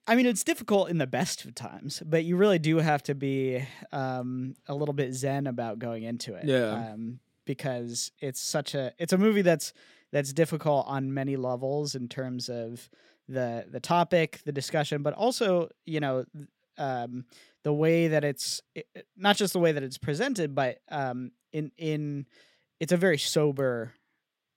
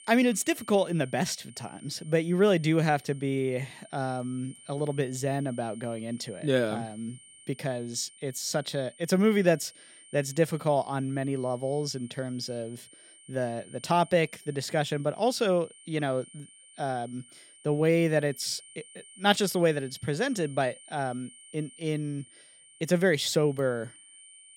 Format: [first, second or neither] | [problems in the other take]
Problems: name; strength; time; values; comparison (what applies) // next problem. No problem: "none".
first | high-pitched whine; faint; throughout; 9 kHz, 20 dB below the speech